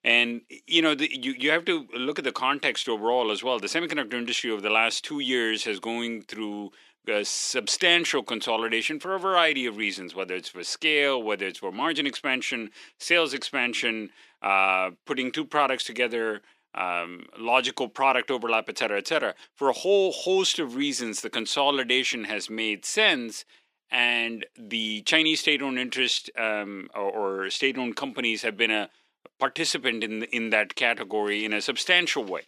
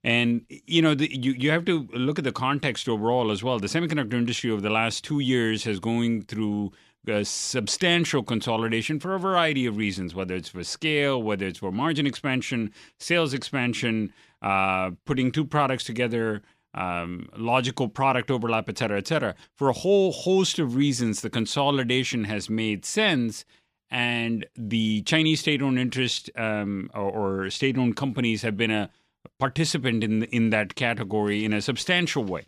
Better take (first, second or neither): second